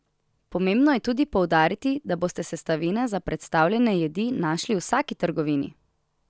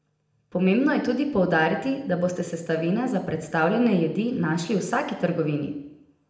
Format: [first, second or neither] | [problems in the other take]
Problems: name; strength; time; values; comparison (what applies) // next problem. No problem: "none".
first | room echo; dies away in 0.8 s